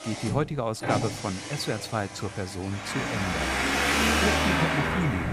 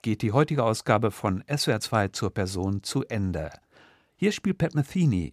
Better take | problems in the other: second | traffic noise; very loud; throughout; 5 dB above the speech

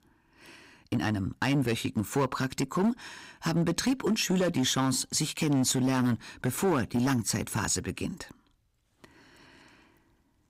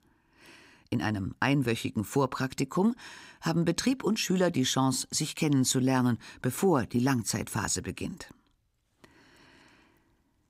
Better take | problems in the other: second | distortion; slight; 7% of the sound clipped

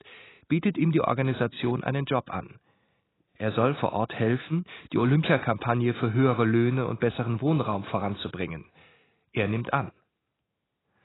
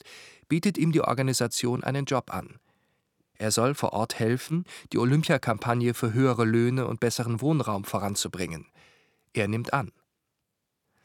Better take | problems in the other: second | garbled, watery; badly; nothing above 4 kHz

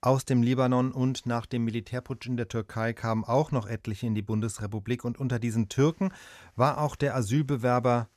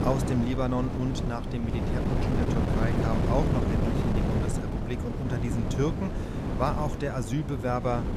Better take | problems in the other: first | wind noise on the microphone; heavy; 1 dB below the speech

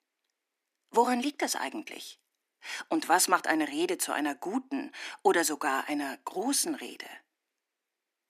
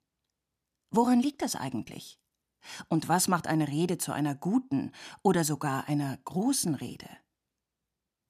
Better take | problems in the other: second | thin; somewhat; fading below 300 Hz

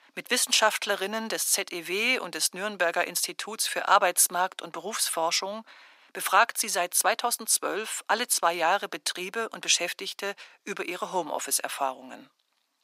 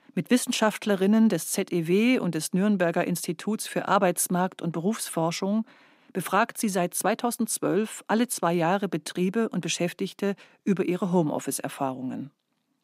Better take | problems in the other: second | thin; very; fading below 800 Hz

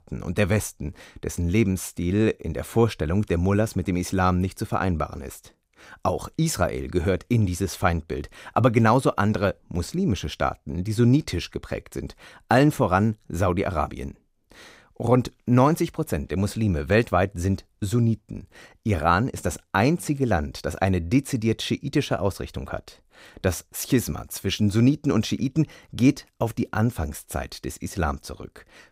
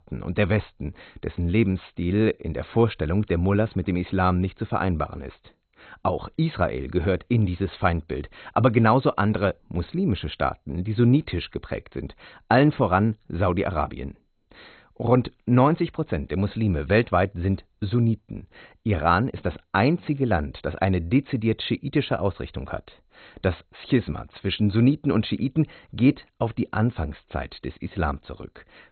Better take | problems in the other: first | garbled, watery; badly; nothing above 4 kHz

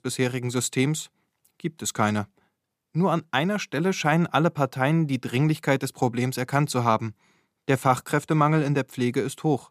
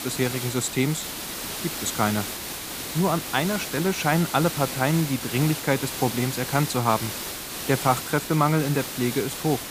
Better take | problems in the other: first | hiss; loud; throughout; 6 dB below the speech

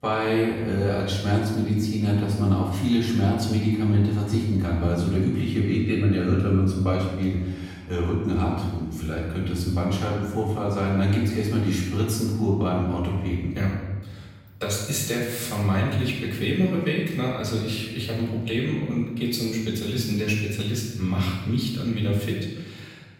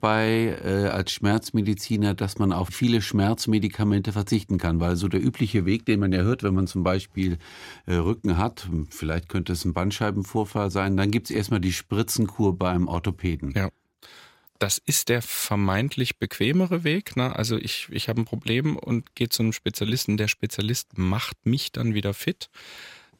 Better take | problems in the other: second | off-mic speech; far // room echo; noticeable; dies away in 1.1 s

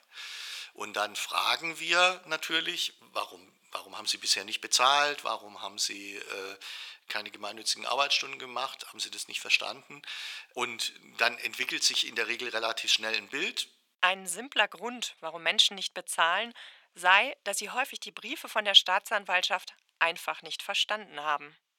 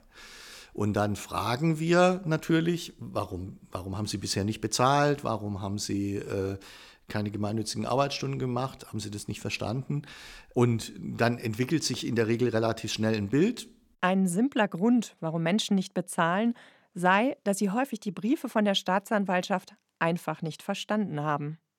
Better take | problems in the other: second | thin; very; fading below 900 Hz

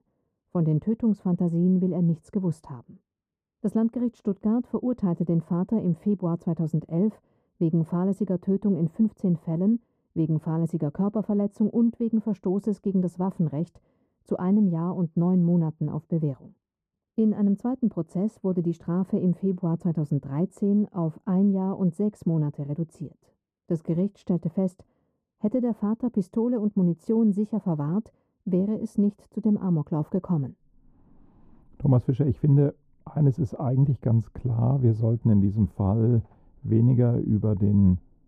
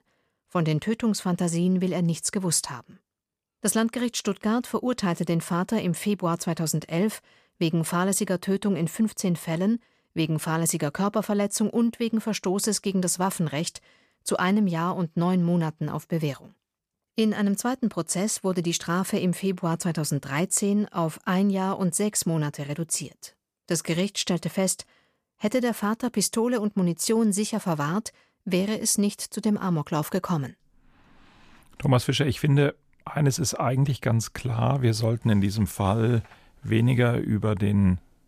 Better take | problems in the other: second | muffled; very; fading above 1 kHz

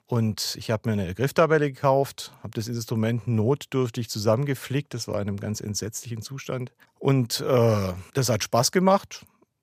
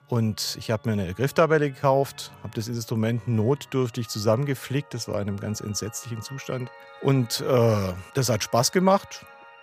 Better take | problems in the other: first | background music; faint; throughout; 25 dB below the speech

